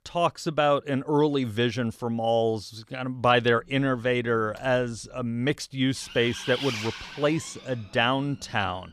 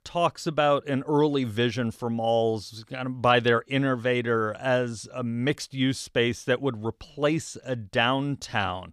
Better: second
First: traffic noise; noticeable; from 3.5 s on; 10 dB below the speech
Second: none

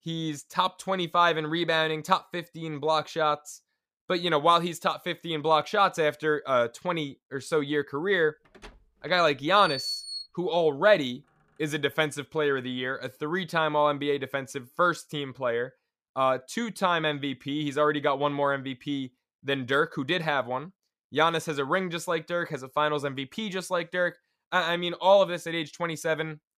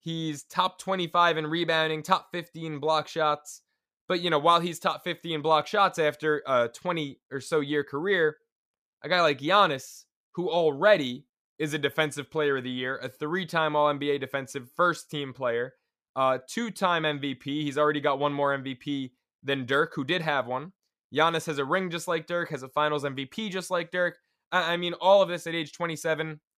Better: second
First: door banging; noticeable; from 8.5 to 10 s; peak 4 dB below the speech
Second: none

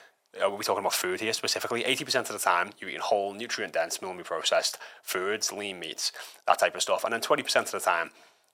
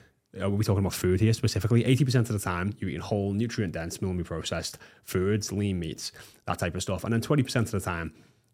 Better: second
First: thin; very; fading below 700 Hz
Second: none

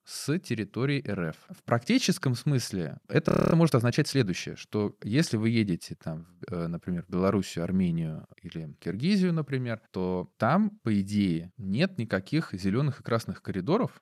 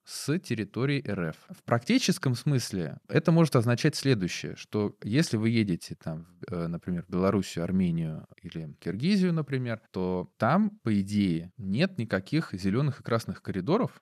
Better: second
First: audio freezing; at 3.5 s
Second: none

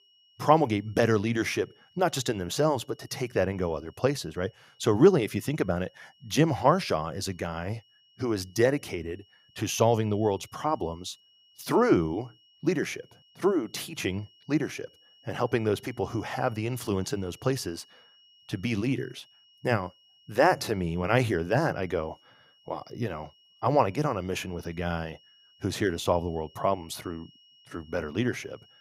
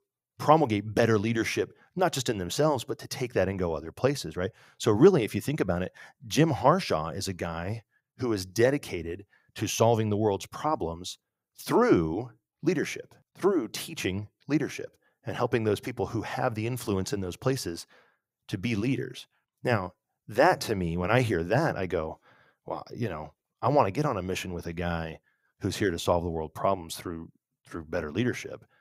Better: second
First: high-pitched whine; faint; throughout; 3 kHz, 30 dB below the speech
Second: none

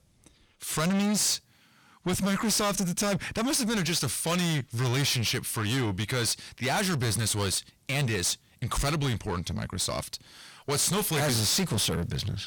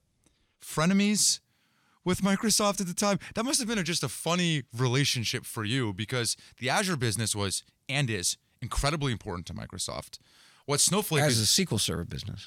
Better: second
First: distortion; heavy; 6 dB below the speech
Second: none

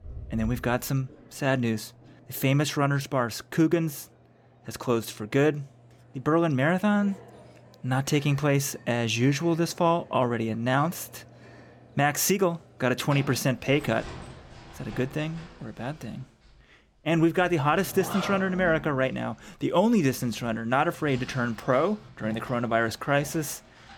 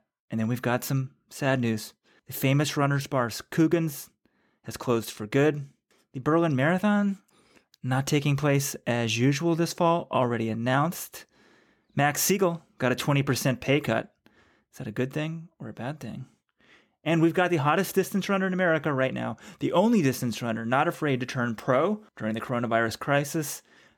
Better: second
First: household noises; noticeable; throughout; 20 dB below the speech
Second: none

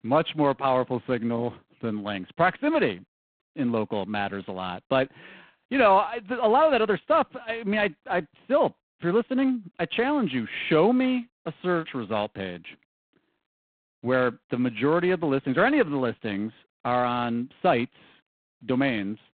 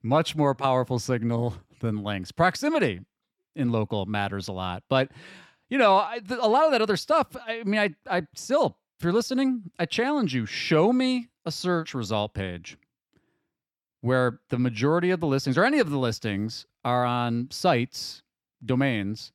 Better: second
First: phone-call audio; poor line; nothing above 4 kHz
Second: none

